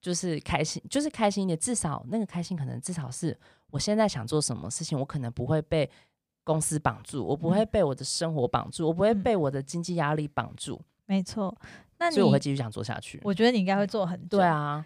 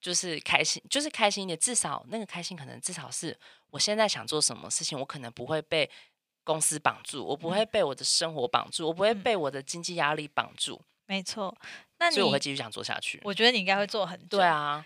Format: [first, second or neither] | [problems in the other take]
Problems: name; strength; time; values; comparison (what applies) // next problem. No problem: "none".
first | thin; somewhat; fading below 850 Hz